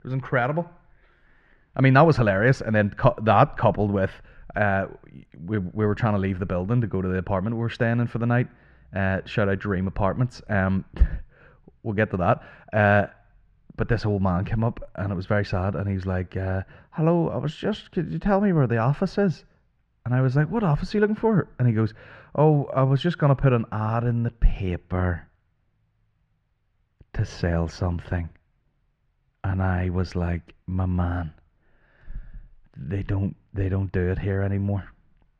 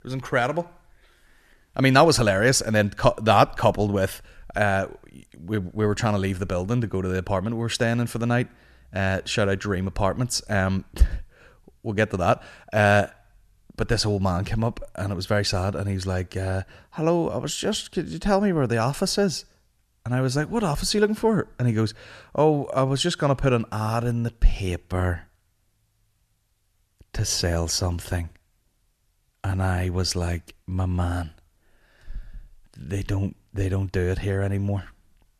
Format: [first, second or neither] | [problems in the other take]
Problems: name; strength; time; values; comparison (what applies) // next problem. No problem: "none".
second | muffled; very; fading above 2 kHz